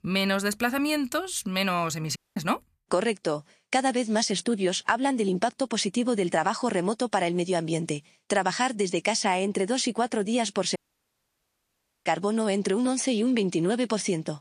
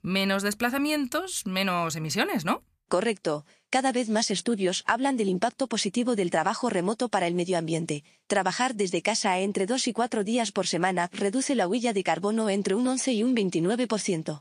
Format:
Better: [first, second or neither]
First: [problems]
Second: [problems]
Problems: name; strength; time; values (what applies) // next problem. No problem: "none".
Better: second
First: audio cutting out; at 2 s and at 11 s for 1.5 s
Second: none